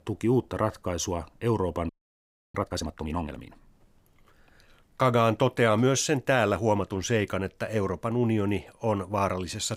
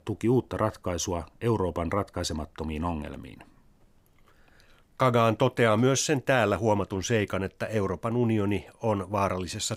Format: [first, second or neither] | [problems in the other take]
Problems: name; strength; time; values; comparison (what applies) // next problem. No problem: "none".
second | audio freezing; at 2 s for 0.5 s